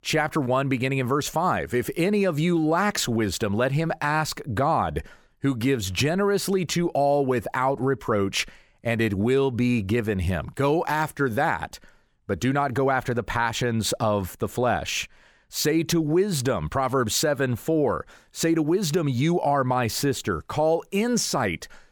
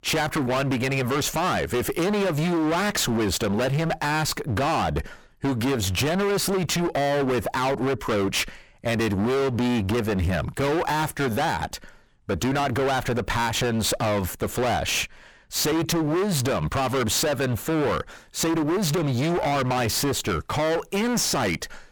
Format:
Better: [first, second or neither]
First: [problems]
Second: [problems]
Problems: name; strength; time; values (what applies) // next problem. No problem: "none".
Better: first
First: none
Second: distortion; heavy; 37% of the sound clipped